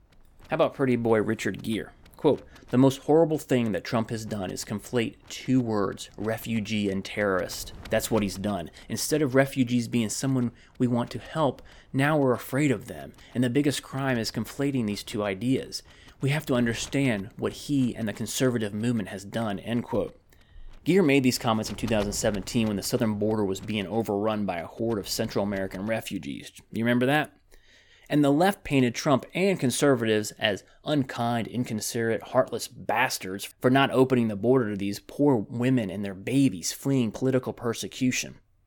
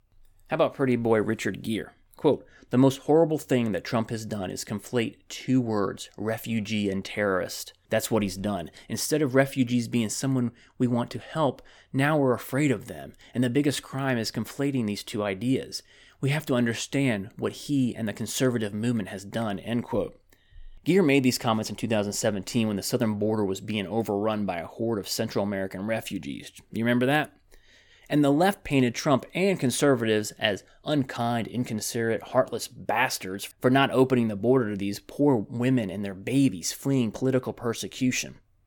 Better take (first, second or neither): second